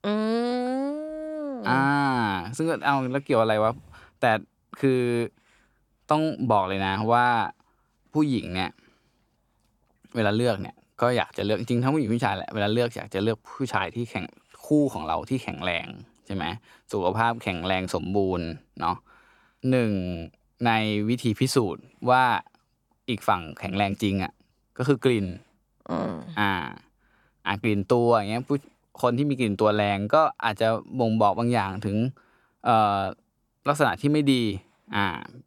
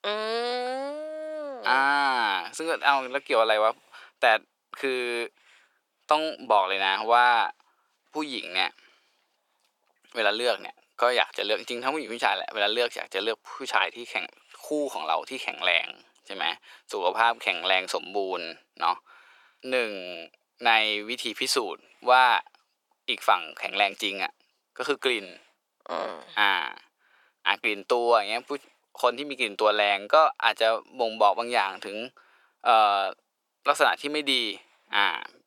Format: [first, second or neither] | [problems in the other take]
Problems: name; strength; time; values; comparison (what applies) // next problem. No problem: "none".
first | thin; very; fading below 450 Hz